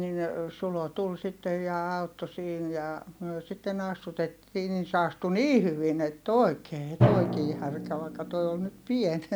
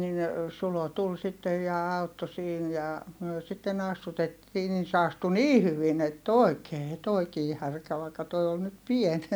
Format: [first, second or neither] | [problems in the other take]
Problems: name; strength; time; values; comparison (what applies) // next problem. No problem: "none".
second | background sound (Drum); 6 dB below the speech